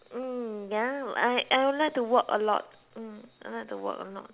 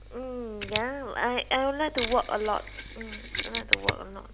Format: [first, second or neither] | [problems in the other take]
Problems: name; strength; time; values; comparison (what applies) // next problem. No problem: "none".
first | background sound (Mechanisms); 4 dB below the speech